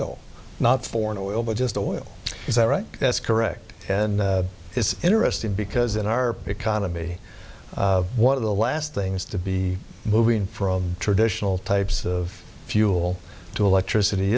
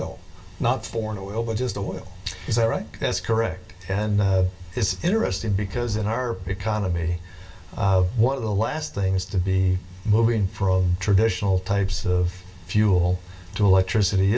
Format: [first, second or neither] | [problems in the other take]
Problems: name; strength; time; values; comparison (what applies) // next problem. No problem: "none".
first | room echo; dies away in 0.2 s